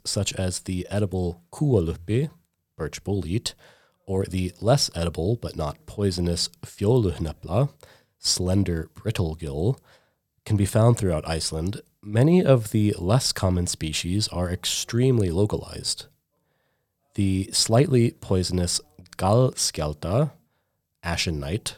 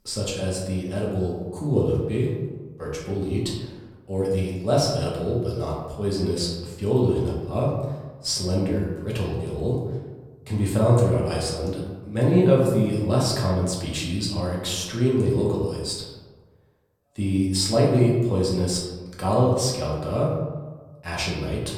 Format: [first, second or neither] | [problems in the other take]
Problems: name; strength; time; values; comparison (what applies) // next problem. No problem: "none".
first | room echo; noticeable; dies away in 1.1 s // off-mic speech; far